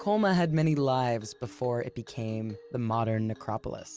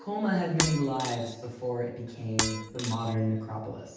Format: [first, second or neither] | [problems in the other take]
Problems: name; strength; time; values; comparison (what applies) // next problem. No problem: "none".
first | background sound (Shatter); 5 dB below the speech // room echo; dies away in 0.9 s